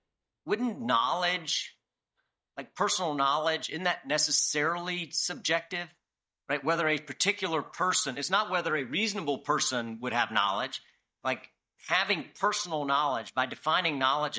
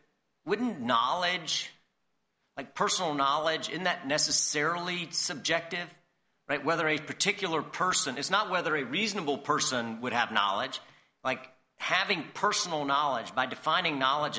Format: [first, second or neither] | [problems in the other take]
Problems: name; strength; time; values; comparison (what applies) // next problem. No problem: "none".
second | noise reduction (neural mask model DeepFilterNet 3)